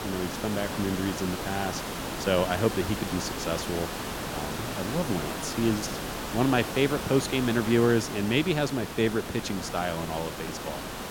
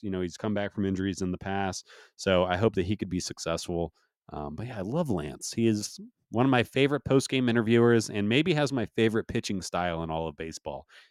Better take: second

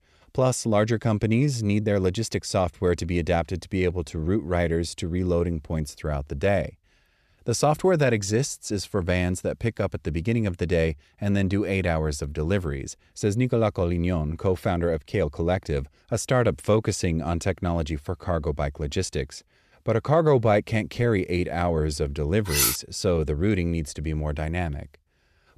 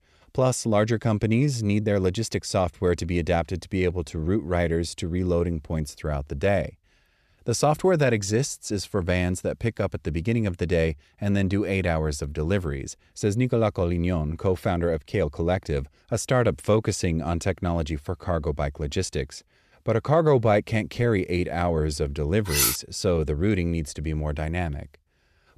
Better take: neither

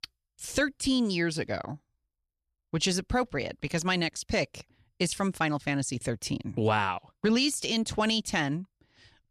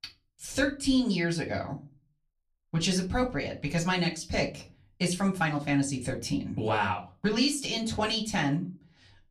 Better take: first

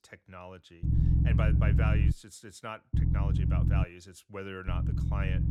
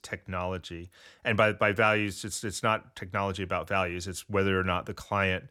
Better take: second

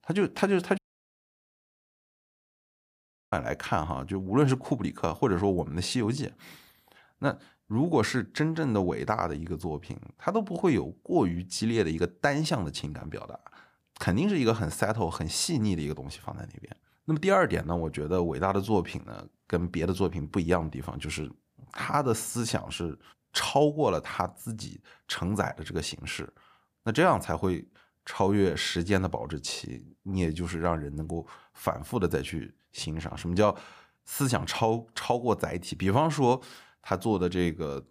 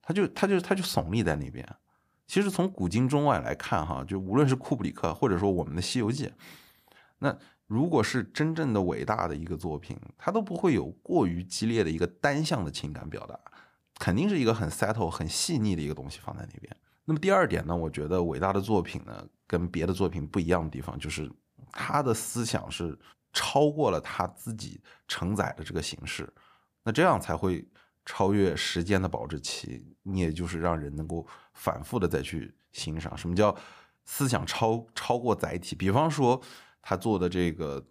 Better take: second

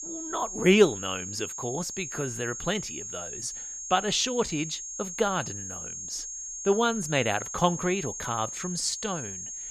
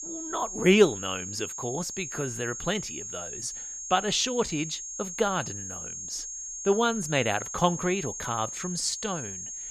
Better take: neither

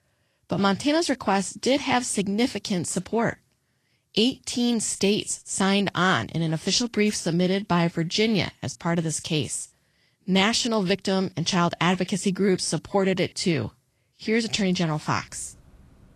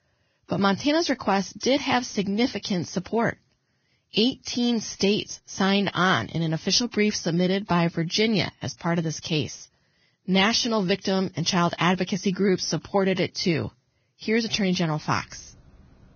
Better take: first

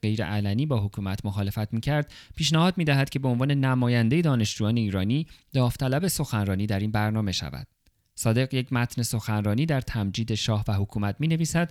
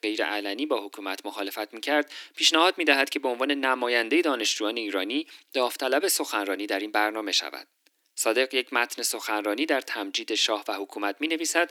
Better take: first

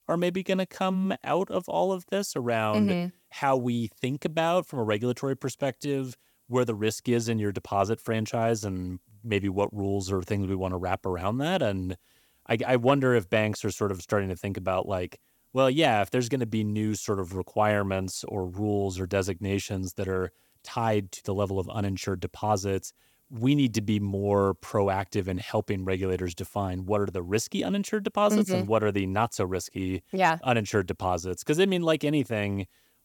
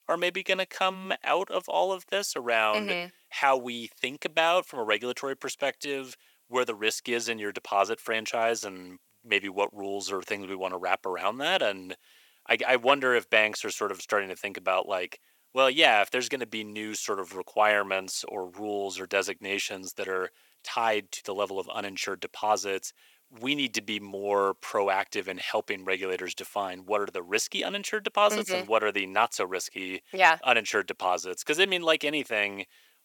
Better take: first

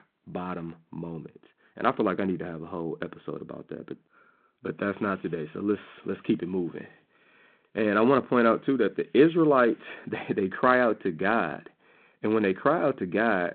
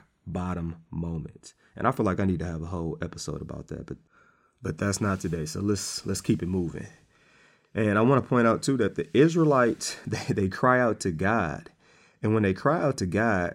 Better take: second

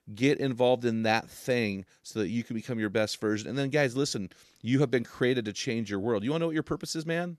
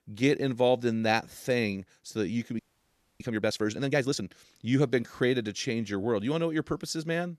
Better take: first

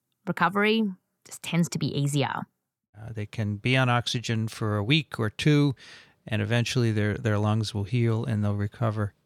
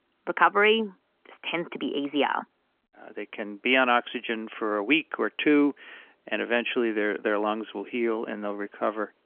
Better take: first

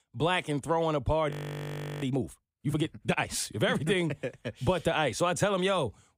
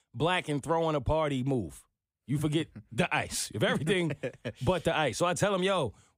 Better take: second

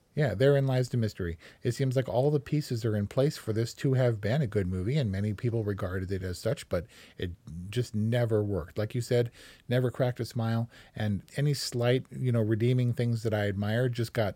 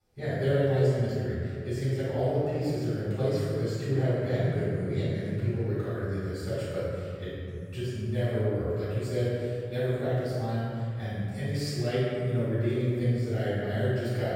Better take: first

